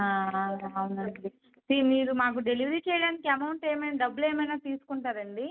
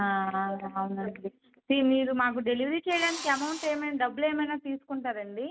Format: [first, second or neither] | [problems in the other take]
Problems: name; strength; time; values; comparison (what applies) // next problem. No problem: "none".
first | background sound (Engine / Drill); 11 dB below the speech